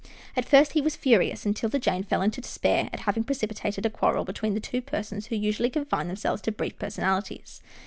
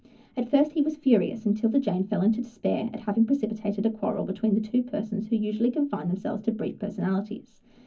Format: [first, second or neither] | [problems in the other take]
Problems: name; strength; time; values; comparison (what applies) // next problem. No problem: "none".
first | room echo; dies away in 0.4 s